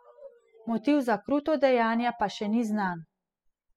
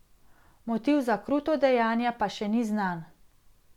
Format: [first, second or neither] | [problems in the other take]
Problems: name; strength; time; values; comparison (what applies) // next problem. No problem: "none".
second | noise reduction (classical method spectral subtraction)